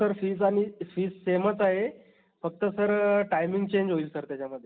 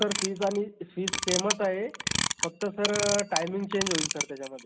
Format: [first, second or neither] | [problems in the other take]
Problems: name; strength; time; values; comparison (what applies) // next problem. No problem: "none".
first | background sound (Clock); 2 dB below the speech